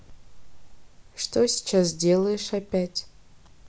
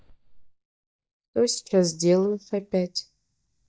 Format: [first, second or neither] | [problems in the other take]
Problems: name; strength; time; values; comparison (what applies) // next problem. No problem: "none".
first | noise reduction (neural mask model DeepFilterNet 3)